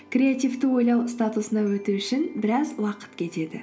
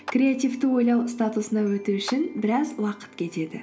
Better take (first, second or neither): first